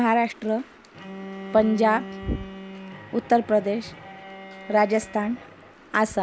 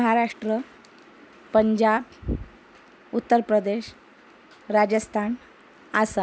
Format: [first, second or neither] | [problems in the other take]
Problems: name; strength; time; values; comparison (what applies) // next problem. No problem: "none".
second | background sound (Bowed string instrument); 15 dB below the speech